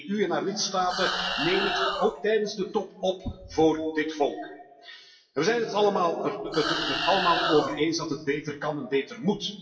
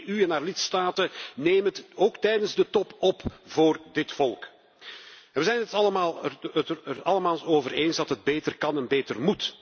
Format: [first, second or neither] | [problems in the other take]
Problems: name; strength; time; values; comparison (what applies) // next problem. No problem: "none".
second | noise reduction (classical method WPE with log-MMSE)